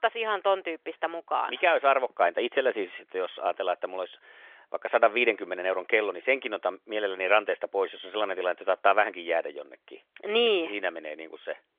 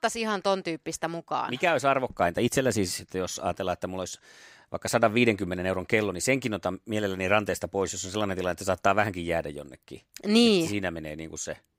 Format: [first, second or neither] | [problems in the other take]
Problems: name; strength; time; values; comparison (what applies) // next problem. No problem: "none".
second | phone-call audio; nothing above 3.5 kHz